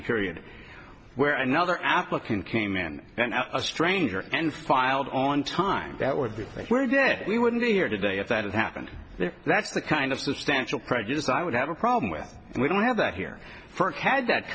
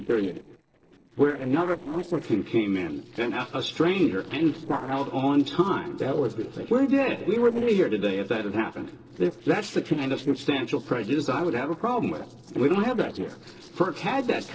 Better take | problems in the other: first | noise reduction (neural separator model SepFormer DNS4)

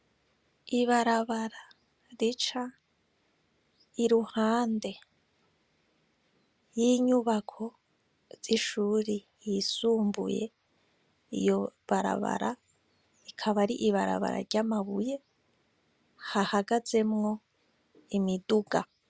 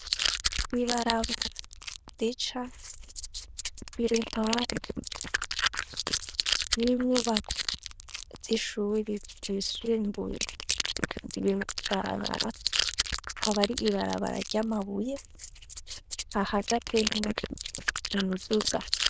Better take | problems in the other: first | noise reduction (neural diffusion model UNIVERSE++)

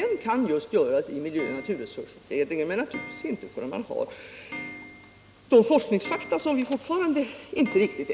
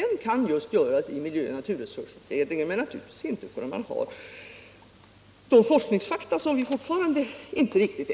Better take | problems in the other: second | background sound (Clock); 17 dB below the speech

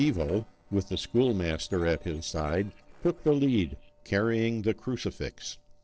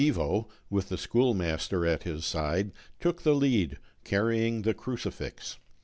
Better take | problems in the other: second | noise reduction (neural separator model SepFormer DNS4)

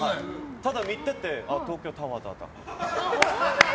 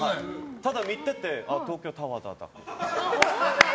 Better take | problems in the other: second | background sound (Traffic noise, roadway noise); 19 dB below the speech

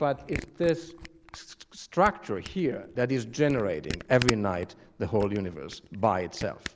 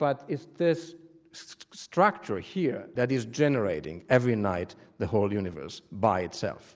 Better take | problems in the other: second | background sound (Camera); 12 dB below the speech

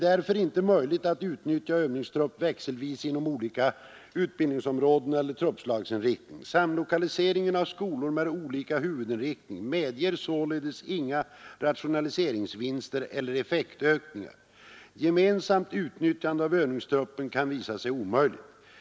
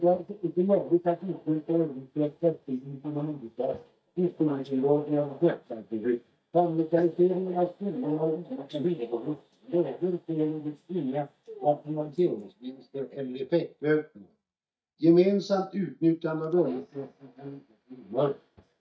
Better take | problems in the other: first | noise reduction (neural mask model DeepFilterNet 3)

